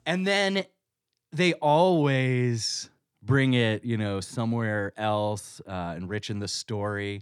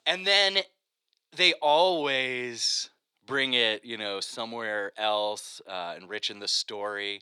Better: first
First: none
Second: thin; very; fading below 550 Hz

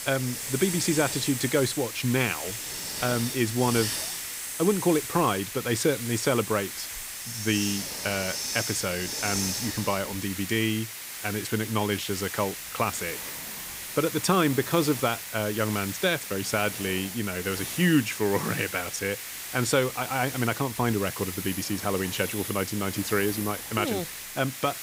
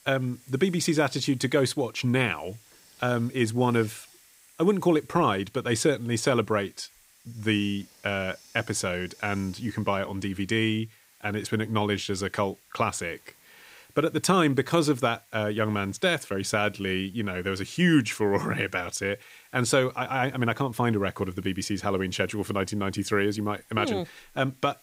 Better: second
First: hiss; loud; throughout; 5 dB below the speech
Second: hiss; faint; throughout; 25 dB below the speech

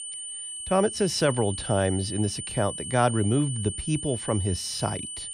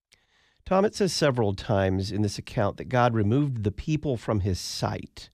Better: second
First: high-pitched whine; loud; throughout; 9 kHz, 7 dB below the speech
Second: none

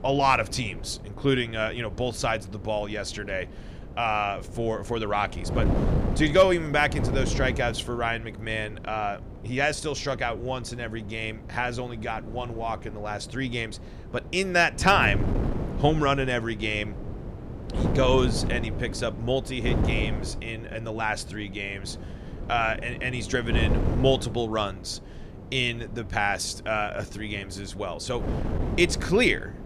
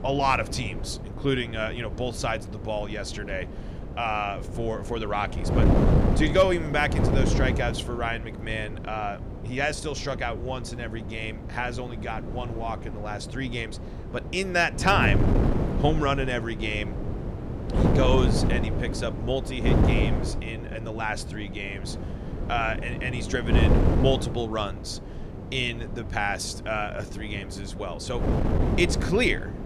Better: first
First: wind noise on the microphone; occasional gusts; 15 dB below the speech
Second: wind noise on the microphone; heavy; 7 dB below the speech

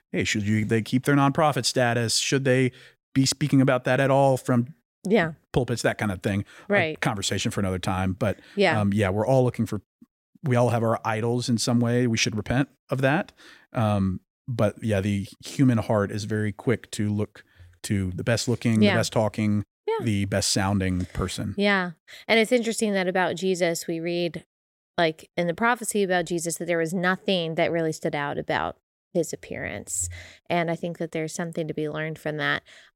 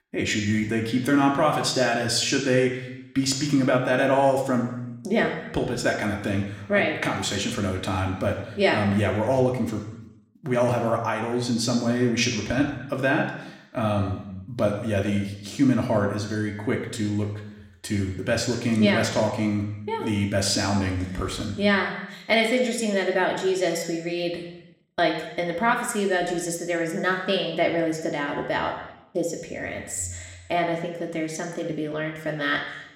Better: first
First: none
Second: room echo; noticeable; dies away in 0.9 s // off-mic speech; somewhat distant

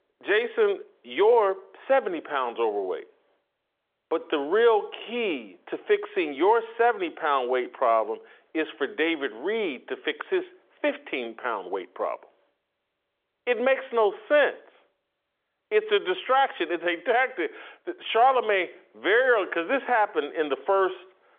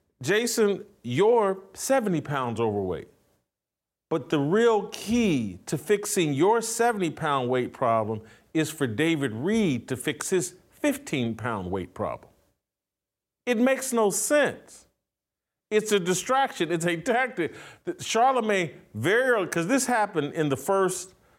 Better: second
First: phone-call audio; nothing above 3.5 kHz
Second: none

